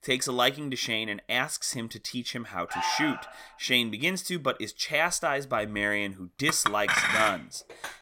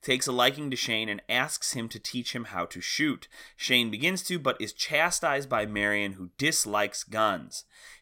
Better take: second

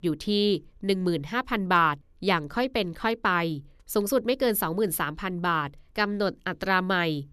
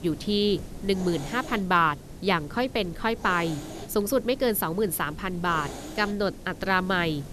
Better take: first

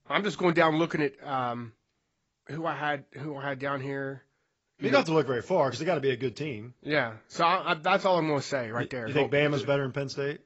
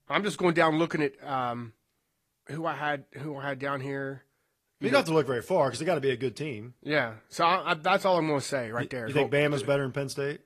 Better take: second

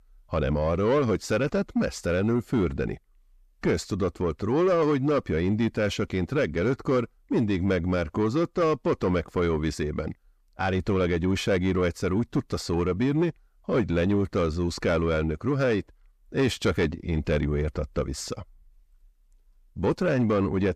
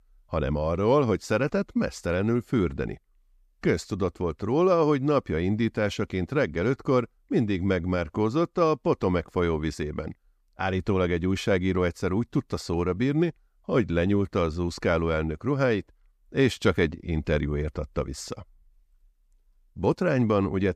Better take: second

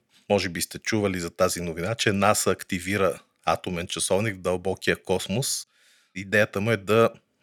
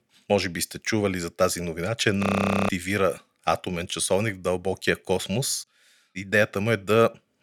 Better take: first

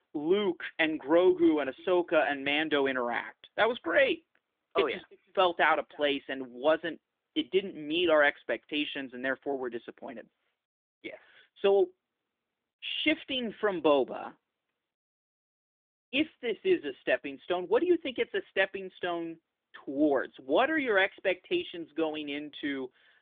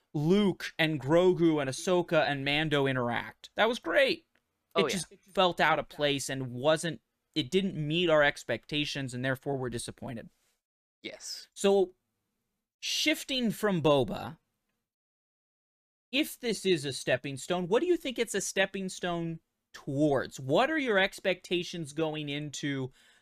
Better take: second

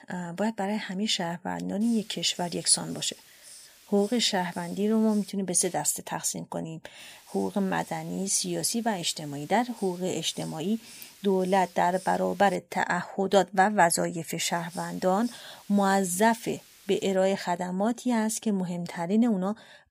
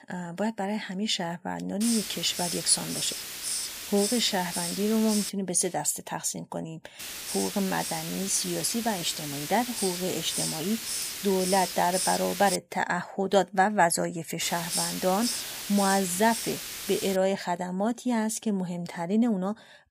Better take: first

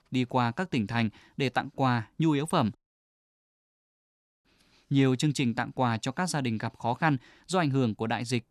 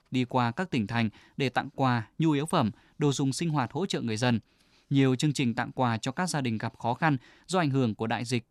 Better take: second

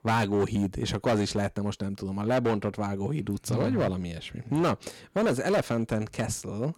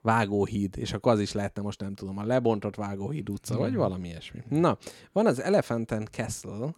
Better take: second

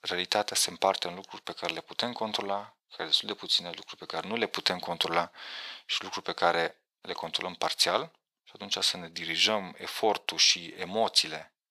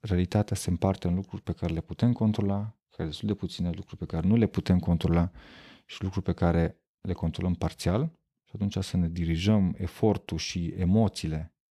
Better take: second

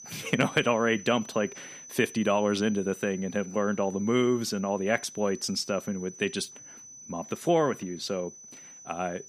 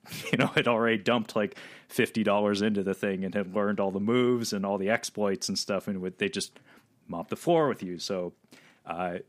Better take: second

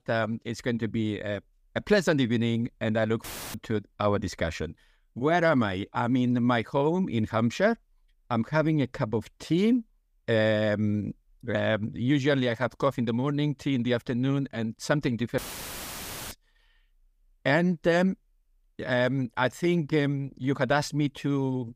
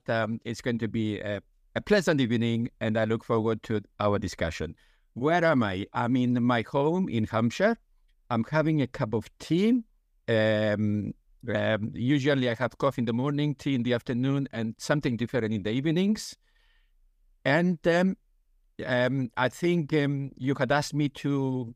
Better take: second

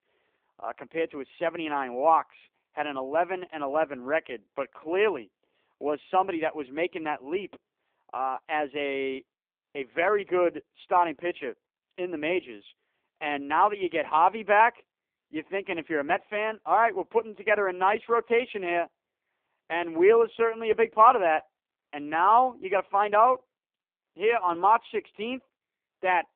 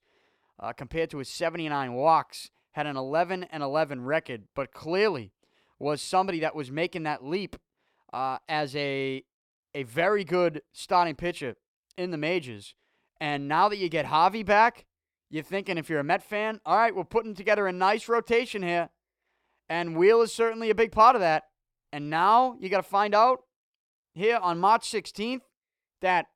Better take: second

